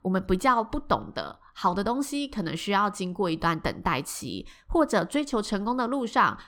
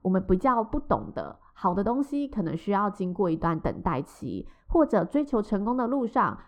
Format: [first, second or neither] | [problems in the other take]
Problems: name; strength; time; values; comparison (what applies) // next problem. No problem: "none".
first | muffled; very; fading above 1.5 kHz